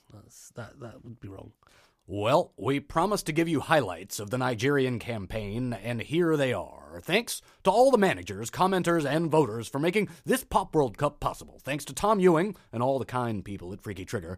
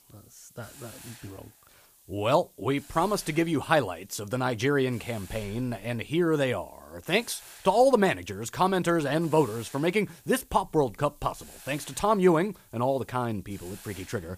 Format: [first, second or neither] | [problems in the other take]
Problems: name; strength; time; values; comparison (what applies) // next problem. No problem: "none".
first | hiss; faint; throughout; 25 dB below the speech